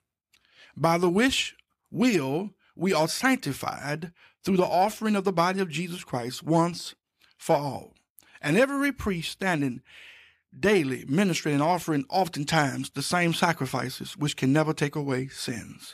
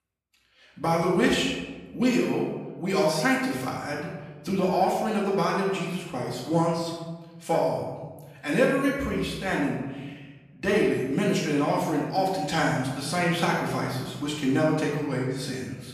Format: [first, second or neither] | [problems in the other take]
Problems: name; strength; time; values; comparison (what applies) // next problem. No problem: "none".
first | off-mic speech; far // room echo; noticeable; dies away in 1.1 s